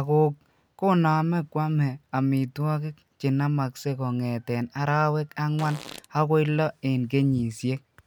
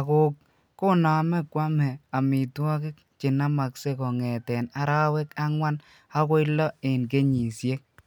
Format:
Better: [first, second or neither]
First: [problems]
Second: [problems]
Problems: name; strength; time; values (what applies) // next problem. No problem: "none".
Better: second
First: background sound (Fart); 18 dB below the speech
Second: none